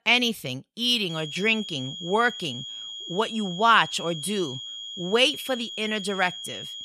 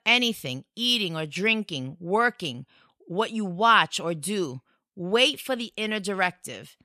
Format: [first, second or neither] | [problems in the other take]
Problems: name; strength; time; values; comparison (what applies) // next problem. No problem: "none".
second | high-pitched whine; loud; from 1 s on; 3.5 kHz, 10 dB below the speech